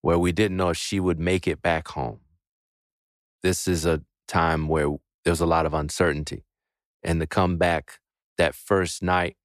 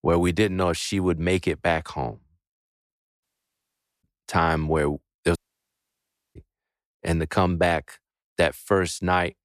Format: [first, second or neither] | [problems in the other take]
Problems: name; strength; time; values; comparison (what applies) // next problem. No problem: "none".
first | audio cutting out; at 3 s for 1 s and at 5.5 s for 1 s